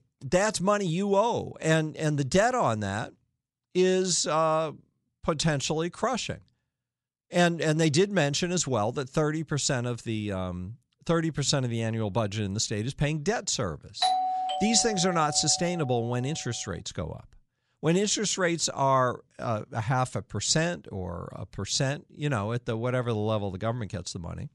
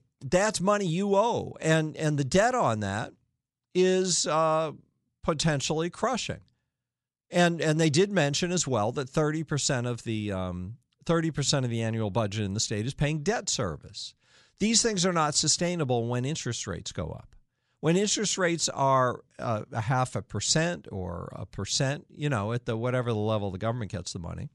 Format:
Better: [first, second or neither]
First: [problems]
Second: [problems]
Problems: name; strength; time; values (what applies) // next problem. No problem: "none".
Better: second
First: doorbell; loud; from 14 to 16 s; peak 2 dB above the speech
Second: none